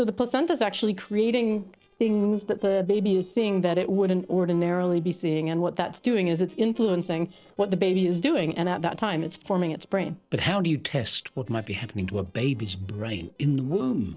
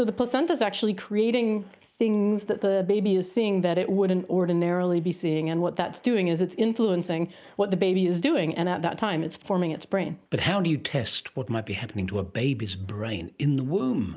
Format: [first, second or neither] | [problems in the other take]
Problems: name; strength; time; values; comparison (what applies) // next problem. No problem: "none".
second | noise reduction (neural separator model SepFormer DNS4)